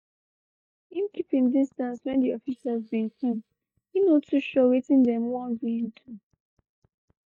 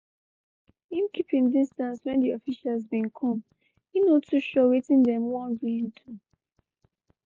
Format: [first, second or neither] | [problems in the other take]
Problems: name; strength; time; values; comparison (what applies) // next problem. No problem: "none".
second | noise reduction (neural mask model DeepFilterNet 3)